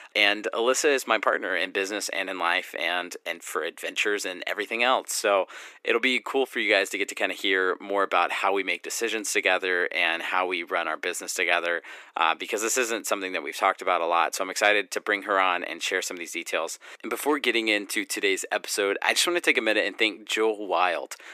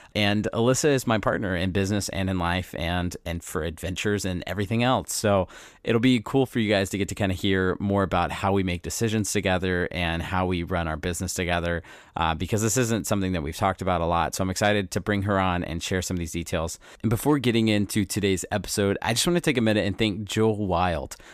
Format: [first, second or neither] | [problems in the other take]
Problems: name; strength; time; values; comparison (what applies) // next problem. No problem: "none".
second | thin; very; fading below 350 Hz